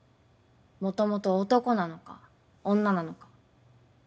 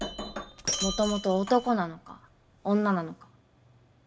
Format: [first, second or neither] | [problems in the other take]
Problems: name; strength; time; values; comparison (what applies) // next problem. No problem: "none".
first | background sound (Shatter); 9 dB below the speech